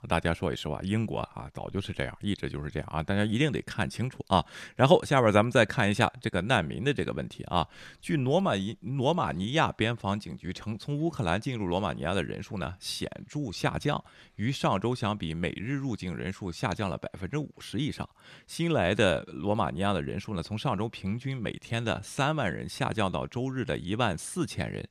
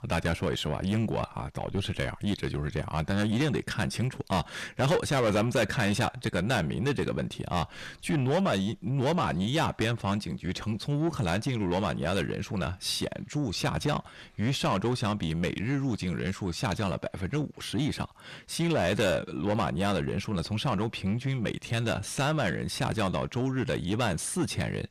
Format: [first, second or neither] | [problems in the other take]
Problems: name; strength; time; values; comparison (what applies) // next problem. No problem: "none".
first | distortion; heavy; 6 dB below the speech